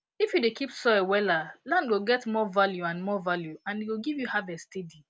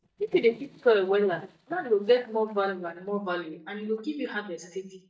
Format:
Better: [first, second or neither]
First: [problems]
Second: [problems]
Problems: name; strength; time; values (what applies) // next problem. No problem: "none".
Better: first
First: none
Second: noise reduction (neural mask model DeepFilterNet 3)